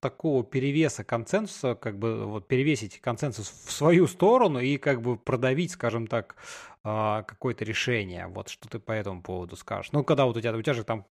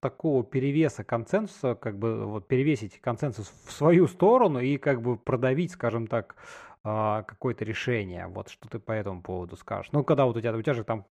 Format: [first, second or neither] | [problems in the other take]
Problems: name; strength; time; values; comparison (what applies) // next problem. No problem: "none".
first | muffled; slightly; fading above 2.5 kHz